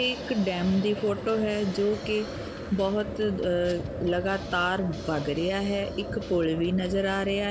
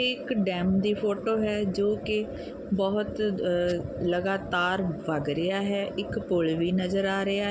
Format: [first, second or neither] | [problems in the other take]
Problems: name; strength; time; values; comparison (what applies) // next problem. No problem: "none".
second | background sound (Motor vehicle (road) + Drum kit); 14 dB below the speech